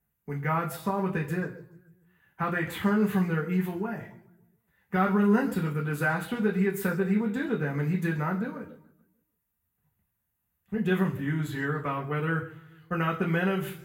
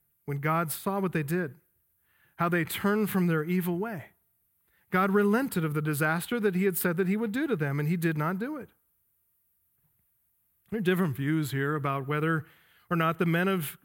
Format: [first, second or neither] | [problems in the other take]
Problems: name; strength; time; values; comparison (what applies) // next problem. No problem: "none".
second | room echo; slight; dies away in 0.6 s // off-mic speech; far